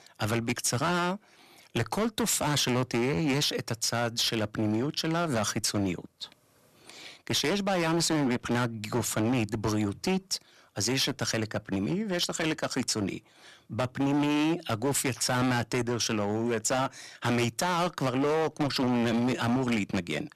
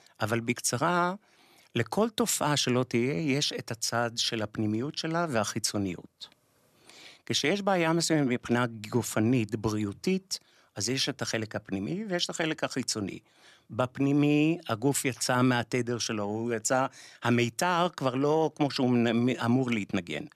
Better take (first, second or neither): second